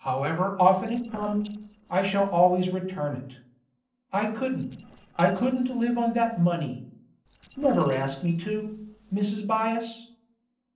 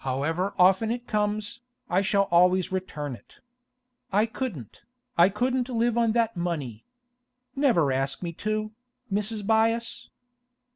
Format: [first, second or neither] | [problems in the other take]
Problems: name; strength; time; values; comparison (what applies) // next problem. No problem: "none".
second | noise reduction (neural separator model SepFormer DNS4)